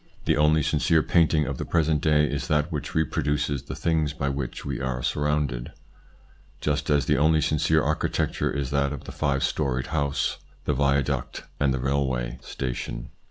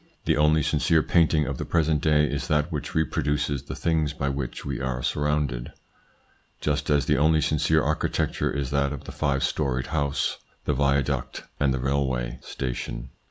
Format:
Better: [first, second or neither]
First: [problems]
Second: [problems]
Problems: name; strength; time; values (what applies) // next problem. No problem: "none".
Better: second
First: noise reduction (neural separator model SepFormer DNS4)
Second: none